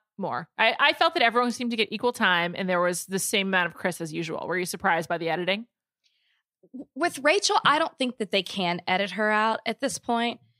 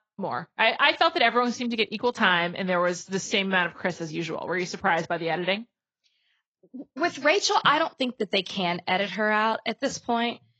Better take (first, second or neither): first